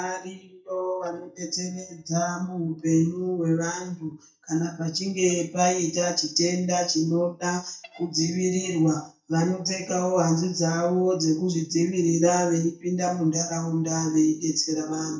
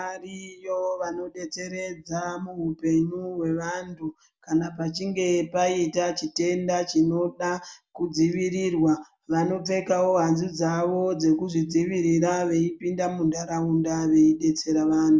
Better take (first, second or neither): second